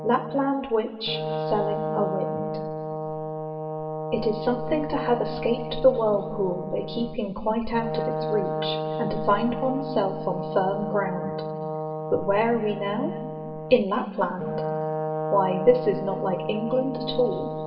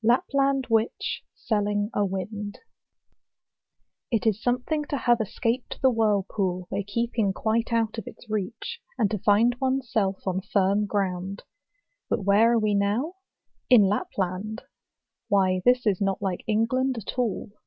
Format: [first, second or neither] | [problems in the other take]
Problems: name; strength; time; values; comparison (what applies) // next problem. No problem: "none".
second | background sound (Brass instrument); 4 dB below the speech // room echo; dies away in 2.1 s